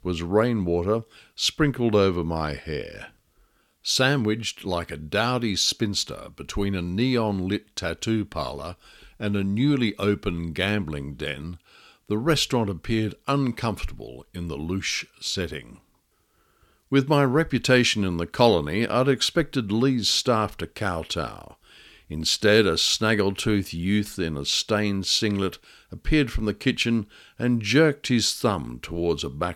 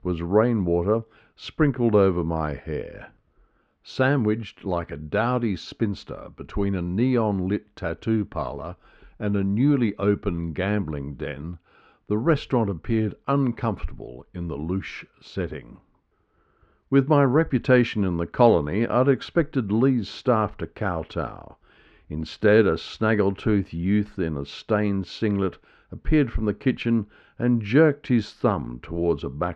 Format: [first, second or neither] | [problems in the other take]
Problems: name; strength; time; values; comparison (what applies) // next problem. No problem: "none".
first | muffled; very; fading above 1.5 kHz